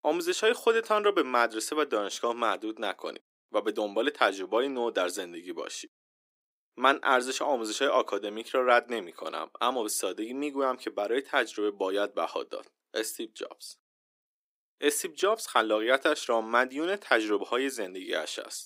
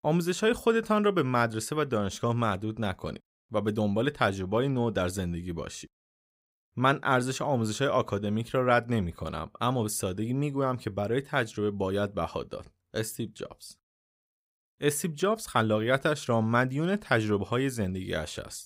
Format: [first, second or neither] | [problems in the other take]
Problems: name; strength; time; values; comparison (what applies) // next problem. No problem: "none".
second | thin; somewhat; fading below 300 Hz